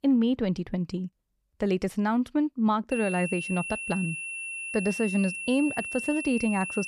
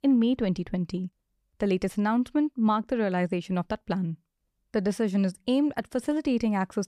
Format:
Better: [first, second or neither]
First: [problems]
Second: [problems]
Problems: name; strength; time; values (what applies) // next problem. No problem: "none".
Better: second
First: high-pitched whine; loud; from 3 s on; 2.5 kHz, 5 dB below the speech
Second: none